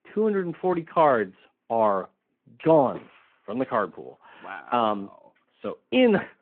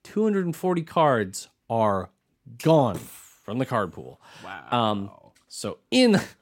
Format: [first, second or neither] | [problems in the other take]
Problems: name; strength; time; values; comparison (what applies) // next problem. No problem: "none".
second | phone-call audio